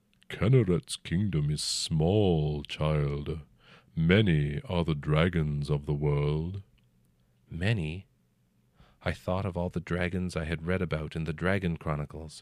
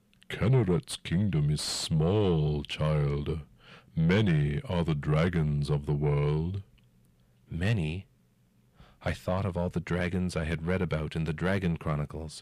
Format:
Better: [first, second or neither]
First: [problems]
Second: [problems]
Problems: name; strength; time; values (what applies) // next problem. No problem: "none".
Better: first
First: none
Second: distortion; slight; 10 dB below the speech